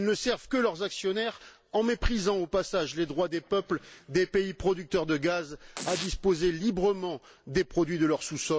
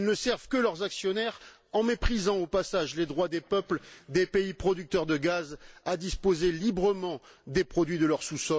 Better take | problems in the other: second | background sound (Domestic sounds, home sounds); 12 dB below the speech

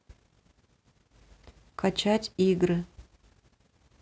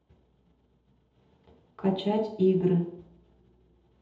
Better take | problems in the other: first | room echo; dies away in 0.8 s

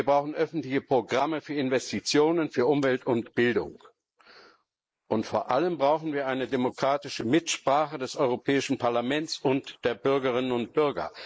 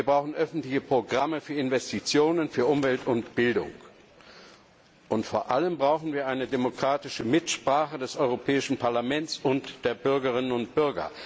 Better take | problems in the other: second | noise reduction (neural mask model Resemble Enhance denoiser)

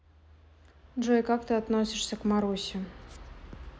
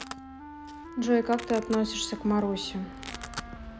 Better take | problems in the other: first | background sound (Domestic sounds, home sounds + Wind instrument, woodwind instrument); 12 dB below the speech

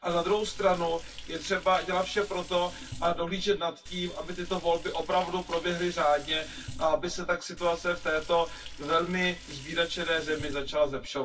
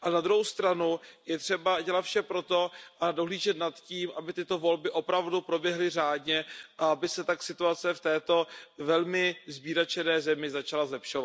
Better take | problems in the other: second | background sound (Liquid); 12 dB below the speech // room echo; dies away in 0.1 s

